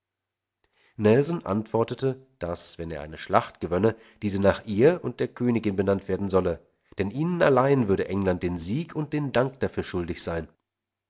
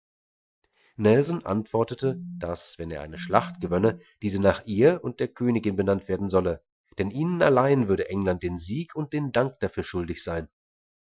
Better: first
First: none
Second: noise reduction (classical method Wiener filter)

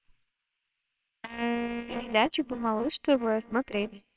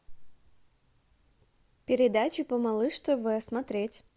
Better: second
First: noise reduction (neural separator model SepFormer WHAMR!)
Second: none

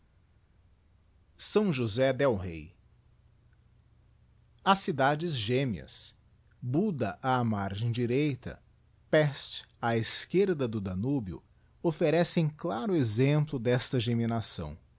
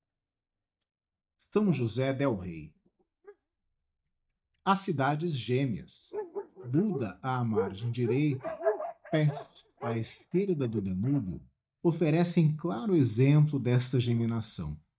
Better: first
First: none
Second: noise reduction (neural mask model DeepFilterNet 3)

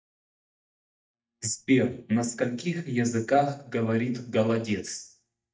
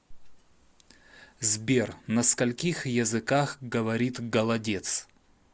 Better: second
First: noise reduction (neural mask model DeepFilterNet 3)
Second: none

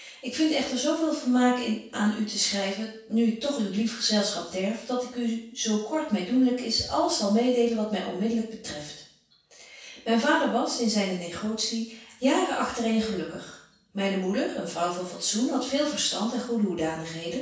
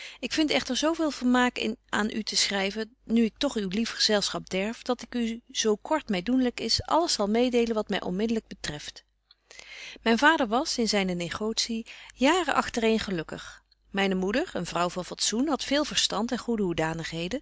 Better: second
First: room echo; dies away in 0.7 s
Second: none

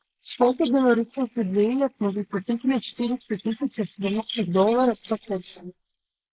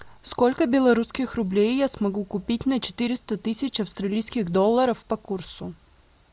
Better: second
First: noise reduction (neural mask model Resemble Enhance denoiser)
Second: none

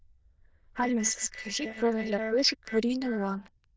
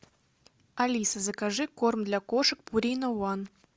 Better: second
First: noise reduction (neural diffusion model UNIVERSE++)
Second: none

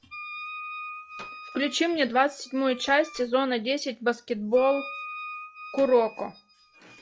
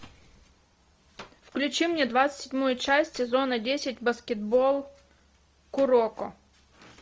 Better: second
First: noise reduction (classical method log-MMSE)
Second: none

